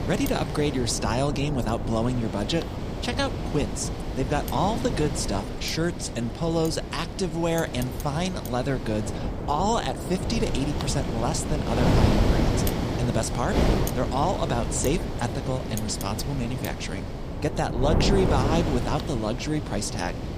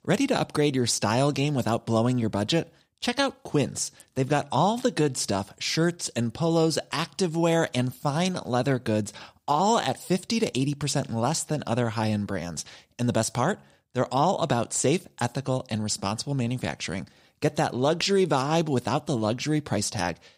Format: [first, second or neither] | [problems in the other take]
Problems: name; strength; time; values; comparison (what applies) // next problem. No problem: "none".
second | wind noise on the microphone; heavy; 4 dB below the speech